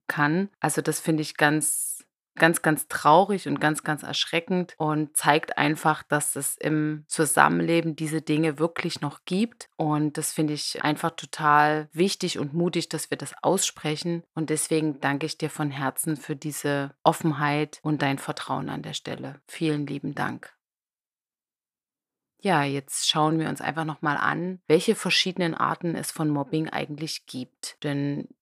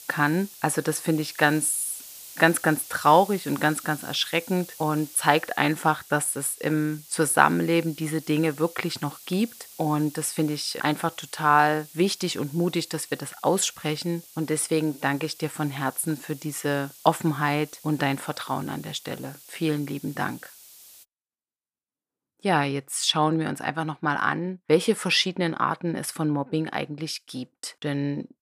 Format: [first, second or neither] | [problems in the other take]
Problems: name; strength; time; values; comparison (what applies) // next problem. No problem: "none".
first | hiss; noticeable; until 21 s; 20 dB below the speech